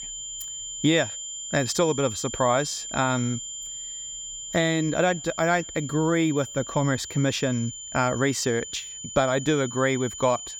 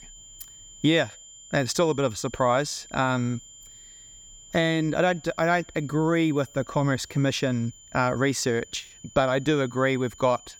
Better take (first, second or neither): second